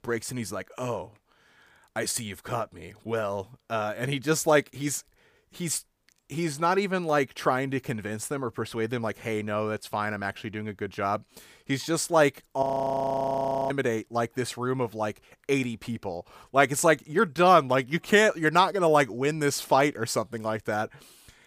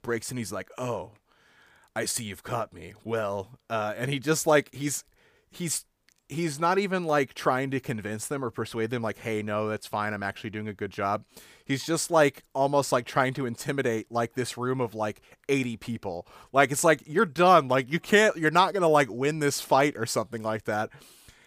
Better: second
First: audio freezing; at 13 s for 1 s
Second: none

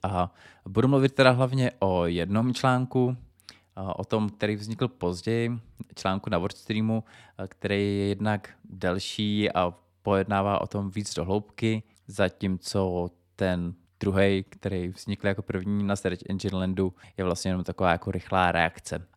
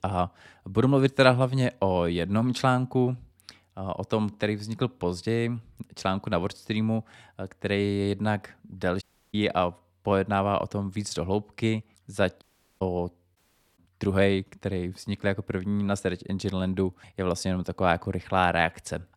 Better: first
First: none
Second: audio cutting out; at 9 s, at 12 s and at 13 s

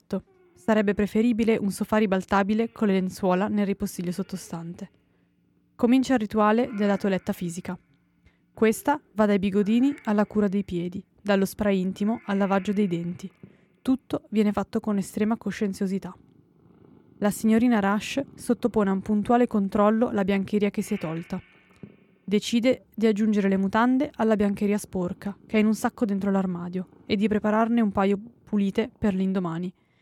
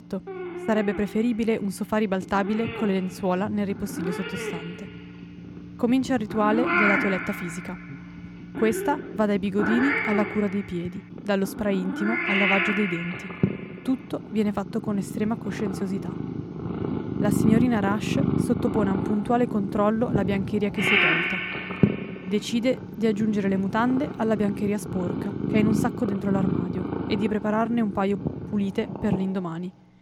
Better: first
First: animal sounds; faint; throughout; 30 dB below the speech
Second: animal sounds; loud; throughout; 2 dB below the speech

